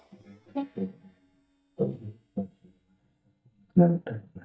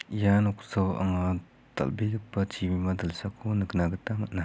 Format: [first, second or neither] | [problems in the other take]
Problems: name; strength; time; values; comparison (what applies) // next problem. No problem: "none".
second | noise reduction (neural mask model DeepFilterNet 3)